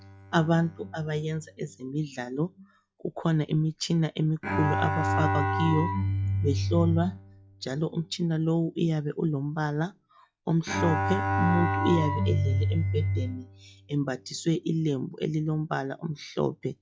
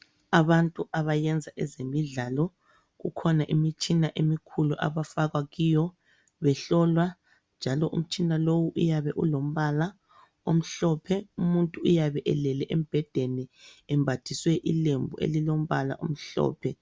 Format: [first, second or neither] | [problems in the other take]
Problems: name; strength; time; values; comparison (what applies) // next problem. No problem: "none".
second | noise reduction (classical method log-MMSE)